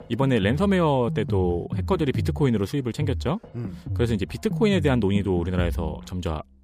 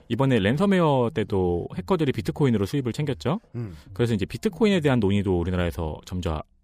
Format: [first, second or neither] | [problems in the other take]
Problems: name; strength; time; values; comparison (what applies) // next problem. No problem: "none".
second | background music; loud; throughout; 8 dB below the speech; faint in the second